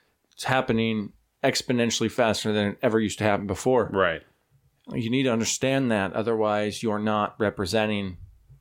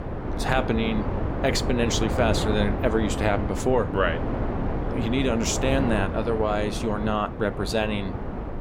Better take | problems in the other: first | wind noise on the microphone; heavy; 6 dB below the speech

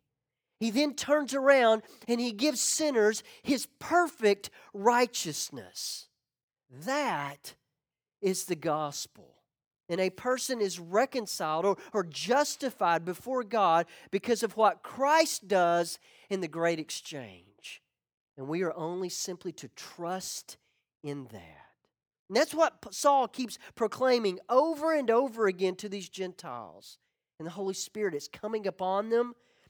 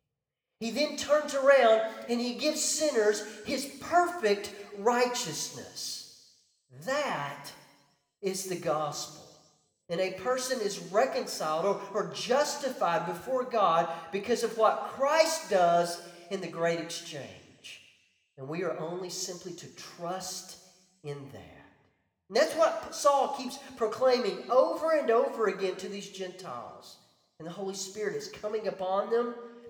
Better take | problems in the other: first | room echo; slight; dies away in 1.2 s

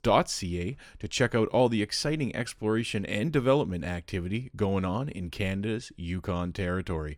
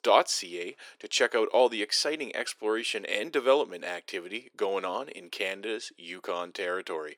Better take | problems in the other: first | thin; very; fading below 350 Hz

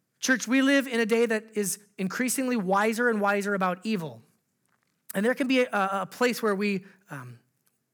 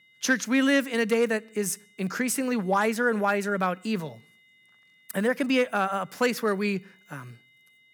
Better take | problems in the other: first | high-pitched whine; faint; throughout; 2 kHz, 30 dB below the speech

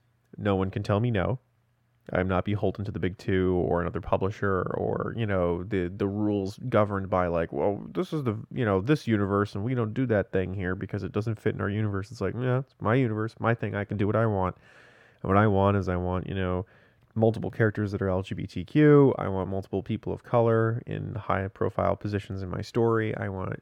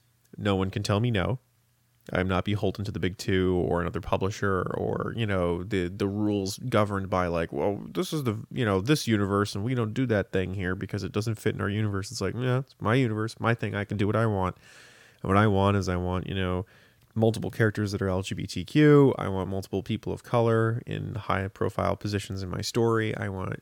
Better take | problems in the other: second | muffled; slightly; fading above 3.5 kHz

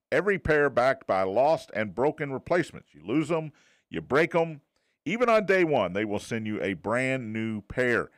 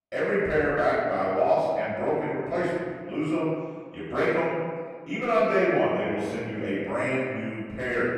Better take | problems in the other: first | off-mic speech; far // room echo; strong; dies away in 1.6 s

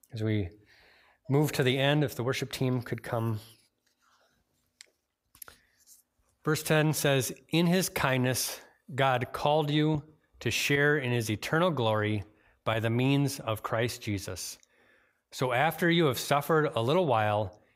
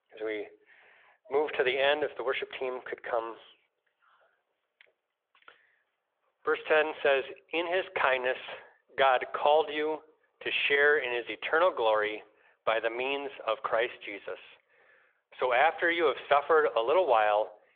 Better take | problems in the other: first | phone-call audio; nothing above 3.5 kHz

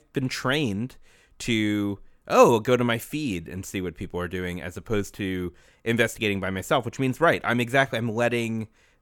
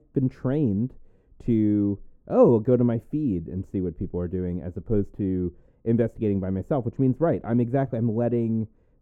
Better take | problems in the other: first | muffled; very; fading above 1 kHz

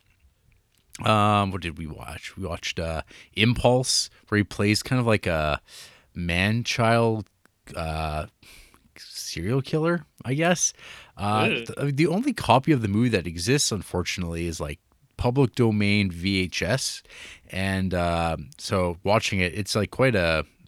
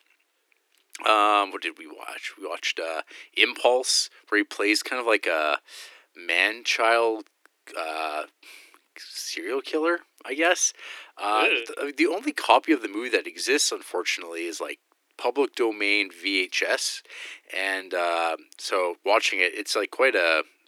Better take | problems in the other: first | thin; very; fading below 300 Hz

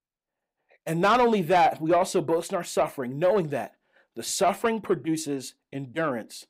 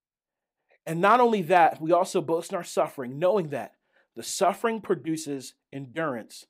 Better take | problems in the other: second | distortion; slight; 10 dB below the speech

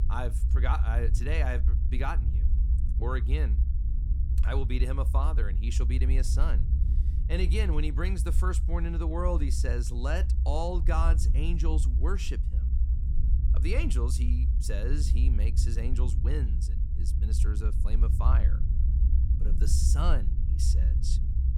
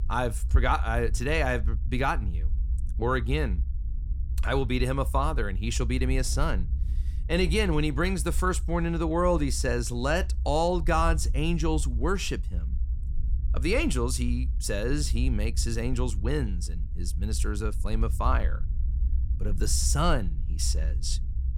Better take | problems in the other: second | low rumble; loud; throughout; 9 dB below the speech; faint in the second

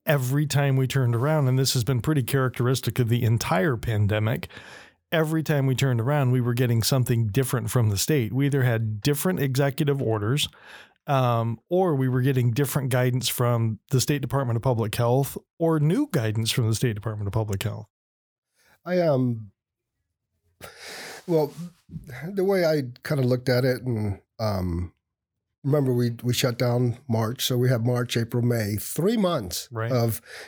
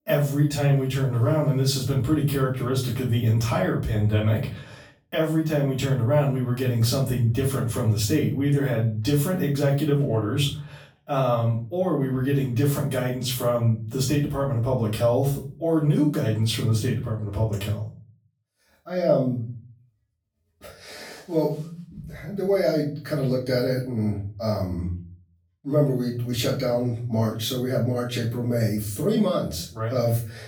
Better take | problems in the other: first | room echo; slight; dies away in 0.4 s // off-mic speech; far

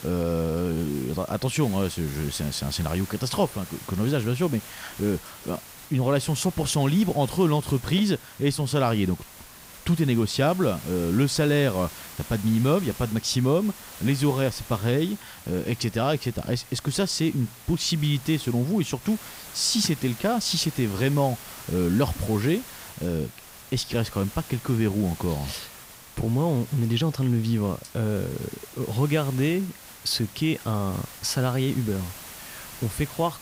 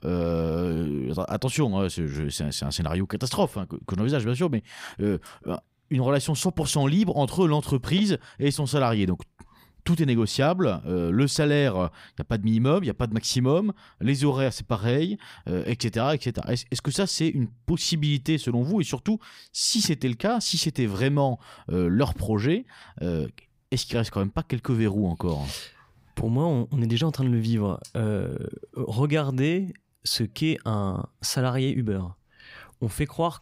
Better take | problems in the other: second | hiss; noticeable; throughout; 15 dB below the speech

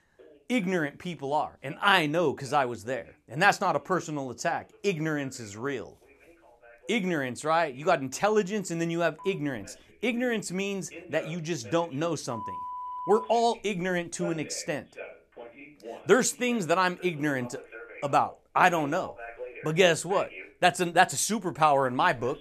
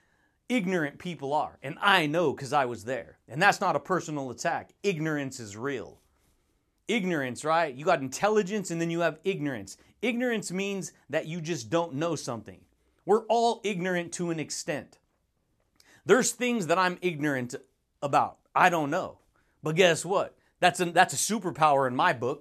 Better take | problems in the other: second | alarms or sirens; noticeable; throughout; 15 dB below the speech

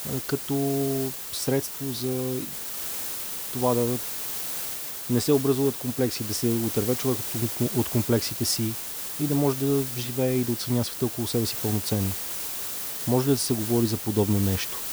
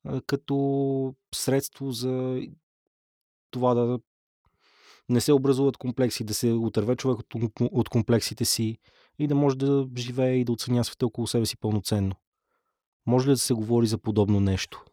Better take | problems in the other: second | hiss; loud; throughout; 4 dB below the speech

